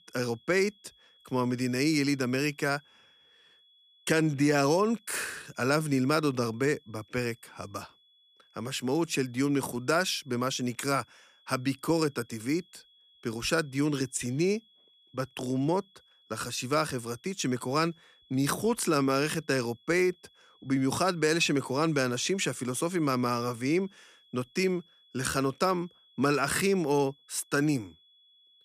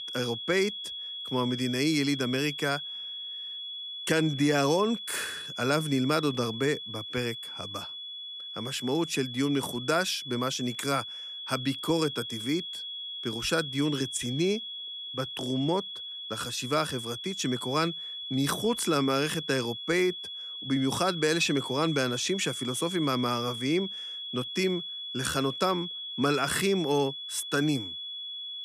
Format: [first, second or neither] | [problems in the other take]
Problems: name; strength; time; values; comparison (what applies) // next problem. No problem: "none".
first | high-pitched whine; loud; throughout; 3.5 kHz, 7 dB below the speech; faint in the first